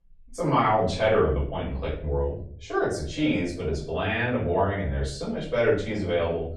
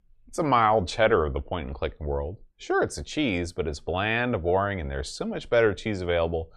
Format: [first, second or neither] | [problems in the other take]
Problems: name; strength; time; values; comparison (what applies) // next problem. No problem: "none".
second | room echo; noticeable; dies away in 0.5 s // off-mic speech; far